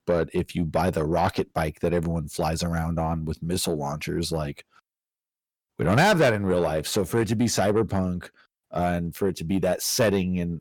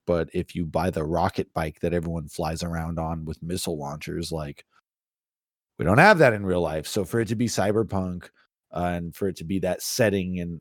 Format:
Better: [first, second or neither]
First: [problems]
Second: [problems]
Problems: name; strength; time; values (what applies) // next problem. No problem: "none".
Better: second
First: distortion; heavy; 8 dB below the speech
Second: none